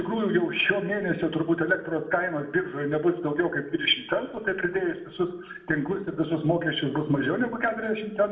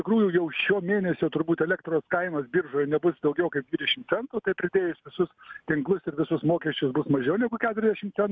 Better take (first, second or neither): second